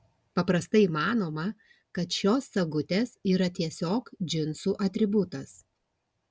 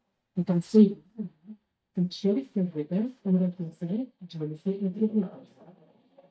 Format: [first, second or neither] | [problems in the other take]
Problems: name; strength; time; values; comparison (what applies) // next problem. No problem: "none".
first | noise reduction (neural mask model DeepFilterNet 3)